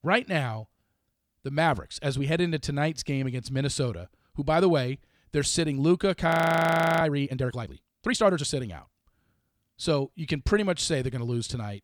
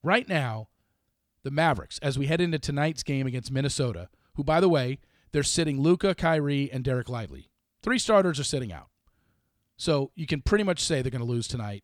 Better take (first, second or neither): second